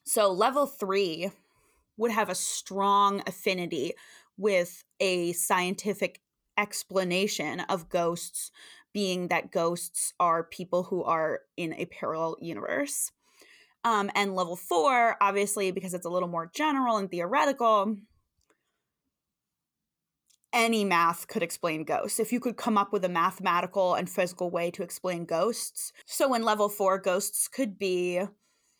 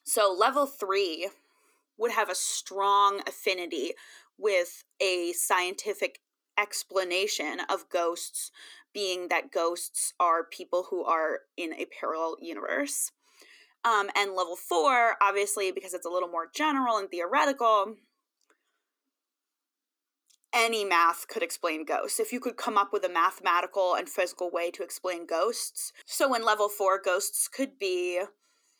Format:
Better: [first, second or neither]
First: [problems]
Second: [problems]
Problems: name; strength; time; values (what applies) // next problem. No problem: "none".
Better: first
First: none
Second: thin; somewhat; fading below 250 Hz